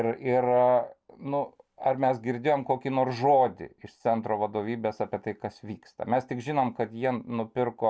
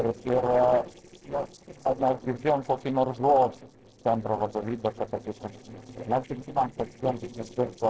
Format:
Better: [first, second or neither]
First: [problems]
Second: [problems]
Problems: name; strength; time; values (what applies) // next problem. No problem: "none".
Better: first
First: none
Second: noise reduction (neural separator model SepFormer DNS4)